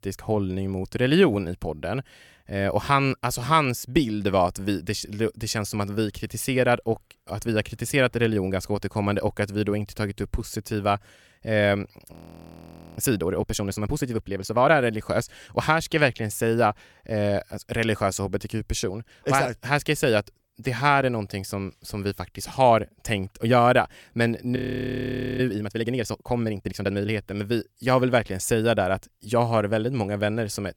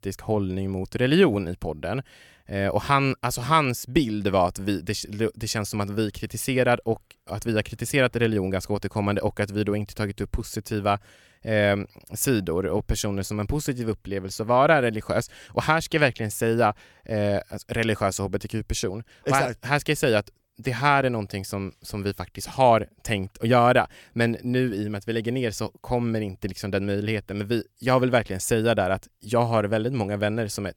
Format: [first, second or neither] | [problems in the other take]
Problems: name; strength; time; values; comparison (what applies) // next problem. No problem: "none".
second | audio freezing; at 12 s for 1 s and at 25 s for 1 s